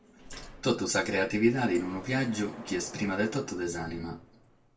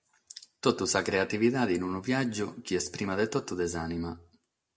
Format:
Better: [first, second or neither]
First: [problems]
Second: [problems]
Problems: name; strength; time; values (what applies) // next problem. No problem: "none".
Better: second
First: background sound (Sliding door); 17 dB below the speech // room echo; dies away in 0.2 s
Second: none